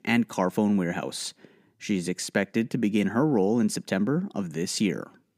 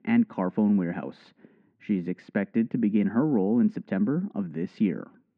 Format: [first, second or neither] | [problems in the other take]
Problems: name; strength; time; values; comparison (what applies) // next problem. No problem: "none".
first | muffled; very; fading above 2 kHz